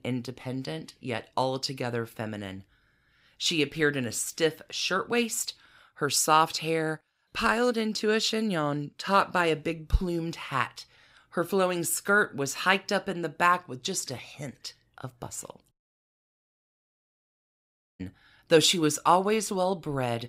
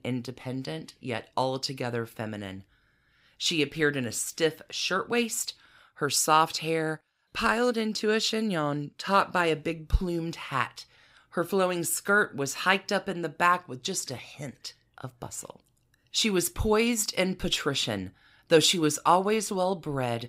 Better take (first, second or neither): second